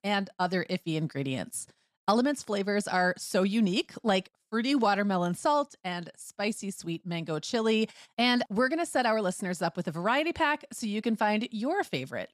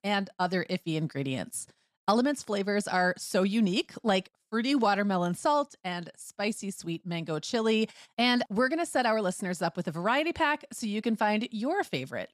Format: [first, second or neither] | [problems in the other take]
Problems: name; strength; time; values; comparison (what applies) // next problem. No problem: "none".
neither | none